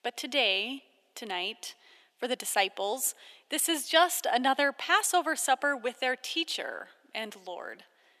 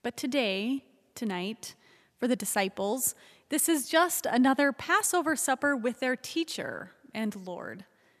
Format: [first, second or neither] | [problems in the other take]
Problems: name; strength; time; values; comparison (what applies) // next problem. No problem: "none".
second | thin; somewhat; fading below 350 Hz